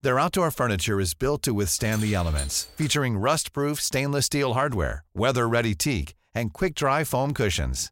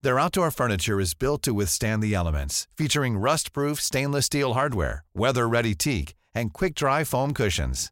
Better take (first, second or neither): second